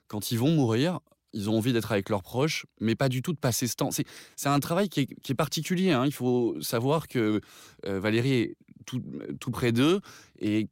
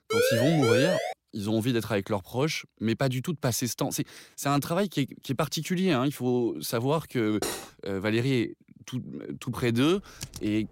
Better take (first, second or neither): first